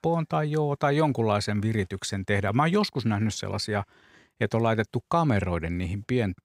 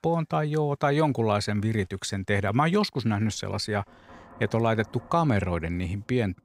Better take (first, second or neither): first